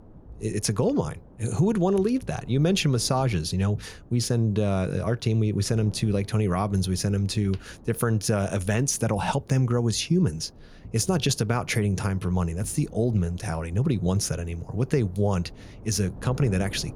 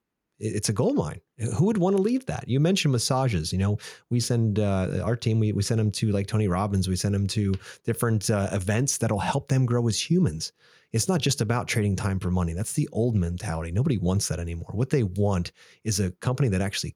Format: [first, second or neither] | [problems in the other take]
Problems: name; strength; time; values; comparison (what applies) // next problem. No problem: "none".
second | wind noise on the microphone; occasional gusts; 25 dB below the speech